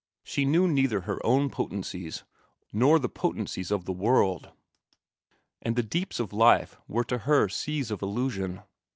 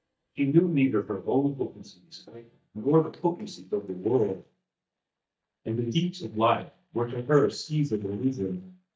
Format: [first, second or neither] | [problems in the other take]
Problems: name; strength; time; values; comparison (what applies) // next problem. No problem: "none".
first | noise reduction (neural mask model DeepFilterNet 3)